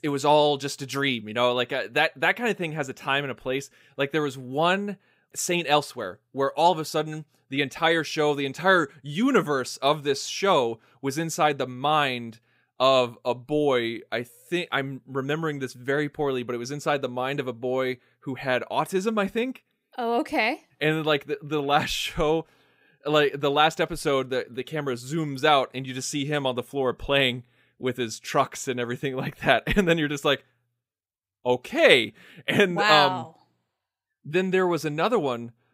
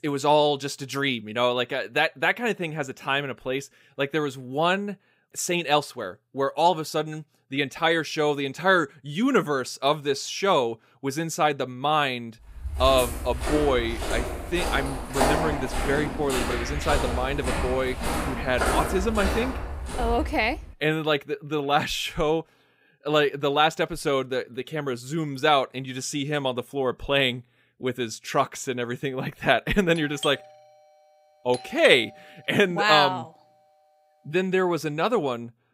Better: first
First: none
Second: footsteps; loud; from 13 to 21 s; peak 2 dB above the speech // doorbell; noticeable; from 30 to 32 s; peak 10 dB below the speech

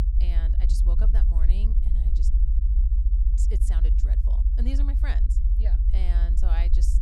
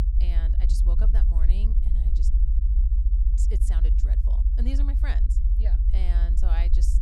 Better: neither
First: low rumble; loud; throughout; 2 dB below the speech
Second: low rumble; loud; throughout; 2 dB below the speech

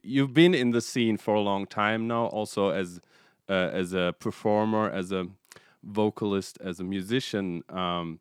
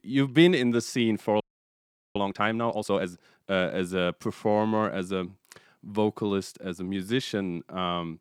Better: first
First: none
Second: audio freezing; at 1.5 s for 1 s

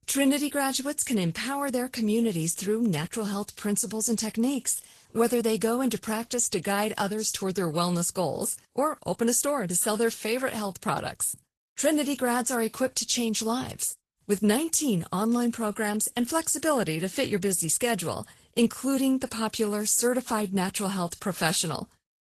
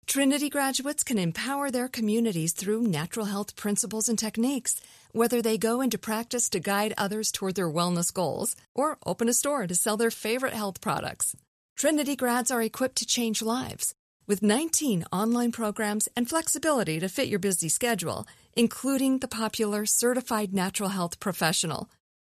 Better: second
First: garbled, watery; slightly; nothing above 12 kHz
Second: none

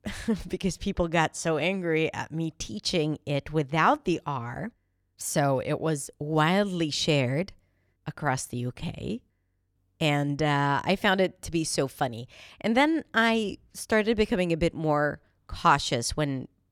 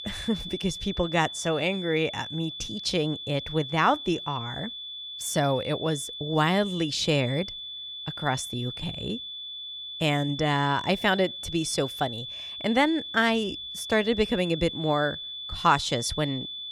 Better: first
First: none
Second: high-pitched whine; loud; throughout; 3.5 kHz, 8 dB below the speech

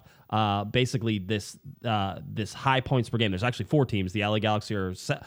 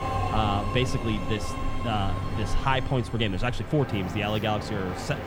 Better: first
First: none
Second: train or aircraft noise; loud; throughout; 4 dB below the speech

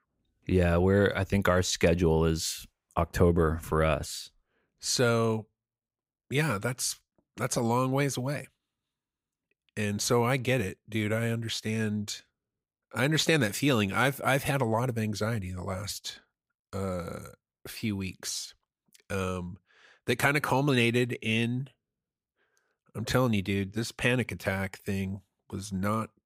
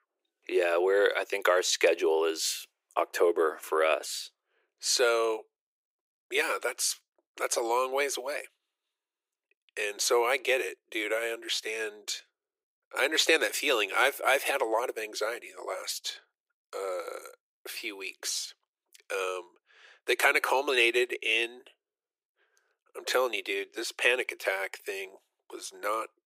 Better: first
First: none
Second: thin; very; fading below 350 Hz

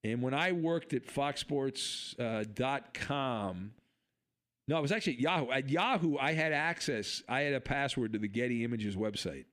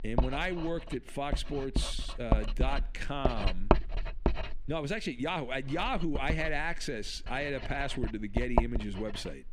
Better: first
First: none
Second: household noises; loud; throughout; as loud as the speech

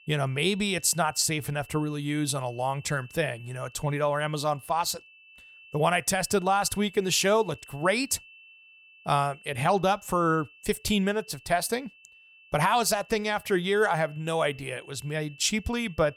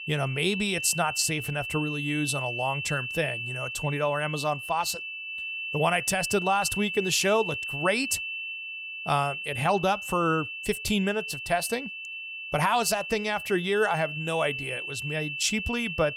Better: first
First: high-pitched whine; faint; throughout; 2.5 kHz, 25 dB below the speech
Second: high-pitched whine; loud; throughout; 2.5 kHz, 5 dB below the speech

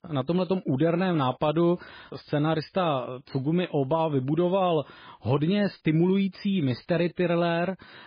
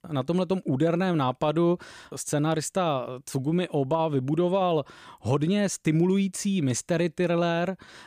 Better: second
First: garbled, watery; badly; nothing above 5 kHz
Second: none

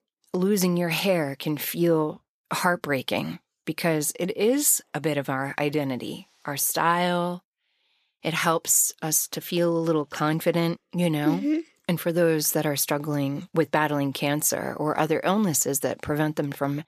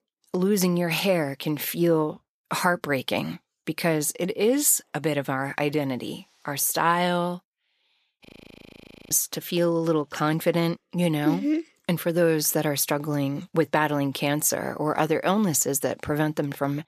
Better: first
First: none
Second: audio freezing; at 8.5 s for 1 s

